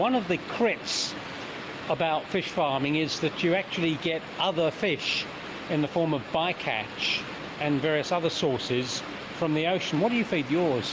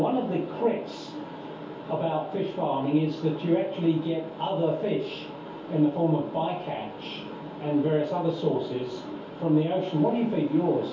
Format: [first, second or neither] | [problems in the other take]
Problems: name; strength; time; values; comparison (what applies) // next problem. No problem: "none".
first | room echo; dies away in 0.6 s